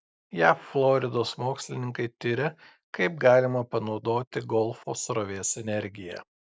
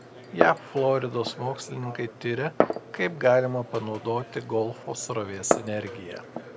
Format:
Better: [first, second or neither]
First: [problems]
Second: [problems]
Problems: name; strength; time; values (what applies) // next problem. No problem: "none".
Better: first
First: none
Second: background sound (Glass); 5 dB below the speech